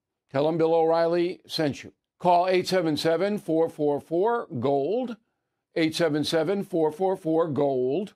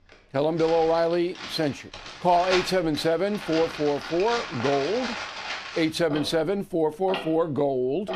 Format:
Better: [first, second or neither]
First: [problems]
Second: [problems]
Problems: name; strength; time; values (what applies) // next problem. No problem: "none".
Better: first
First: none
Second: household noises; loud; throughout; 9 dB below the speech